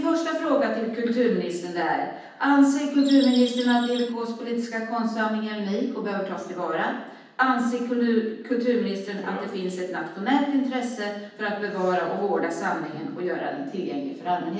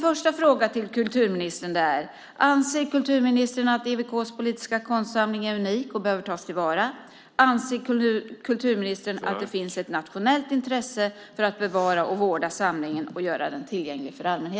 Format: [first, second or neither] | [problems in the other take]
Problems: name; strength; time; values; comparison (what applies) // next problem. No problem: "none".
second | background sound (Bird vocalization, bird call, bird song); 11 dB below the speech // room echo; dies away in 0.9 s